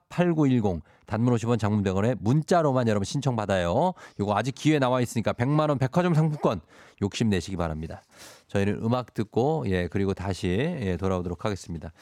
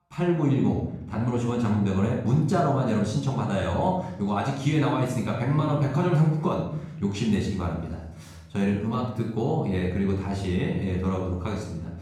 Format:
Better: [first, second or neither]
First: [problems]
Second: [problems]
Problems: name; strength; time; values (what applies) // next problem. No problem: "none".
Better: first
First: none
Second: off-mic speech; far // room echo; noticeable; dies away in 0.8 s